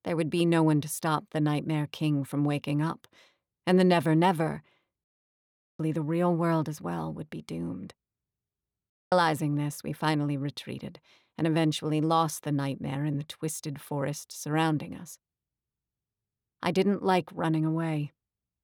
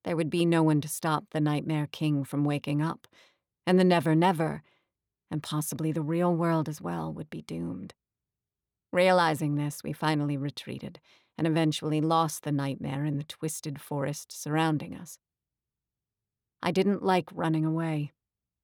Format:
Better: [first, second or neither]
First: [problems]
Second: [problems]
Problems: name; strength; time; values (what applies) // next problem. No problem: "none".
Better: second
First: audio cutting out; at 5 s for 1 s and at 9 s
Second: none